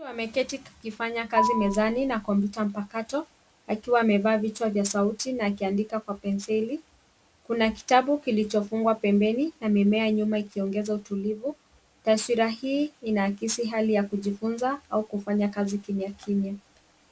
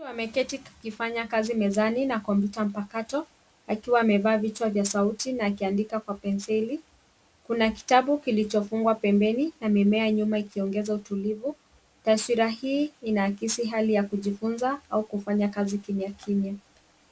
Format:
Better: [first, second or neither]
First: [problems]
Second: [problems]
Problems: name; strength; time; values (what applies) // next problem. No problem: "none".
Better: second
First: background sound (Marimba, xylophone); 4 dB below the speech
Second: none